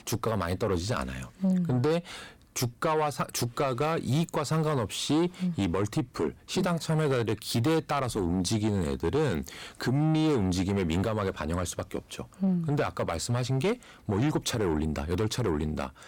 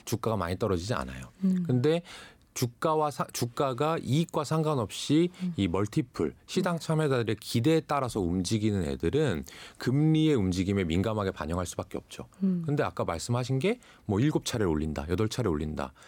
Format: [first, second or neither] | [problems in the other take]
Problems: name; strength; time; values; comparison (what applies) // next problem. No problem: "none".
second | distortion; slight; 10 dB below the speech